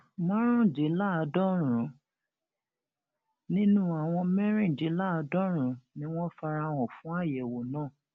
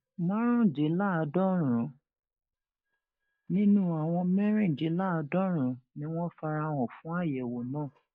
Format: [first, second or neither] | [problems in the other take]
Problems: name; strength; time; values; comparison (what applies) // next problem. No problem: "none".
first | noise reduction (neural mask model DeepFilterNet 3)